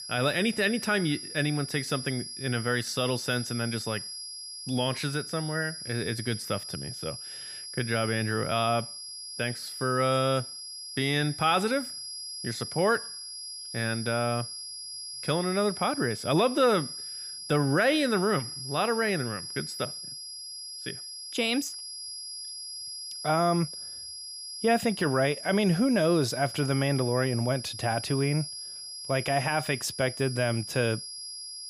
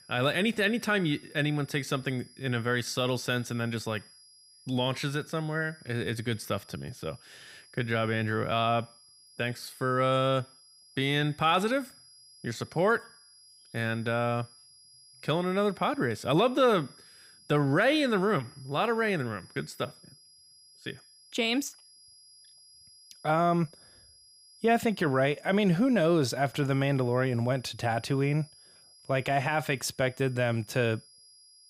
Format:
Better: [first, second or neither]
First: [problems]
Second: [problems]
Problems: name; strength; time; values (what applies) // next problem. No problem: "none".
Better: second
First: high-pitched whine; loud; throughout; 5 kHz, 8 dB below the speech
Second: high-pitched whine; faint; throughout; 5 kHz, 25 dB below the speech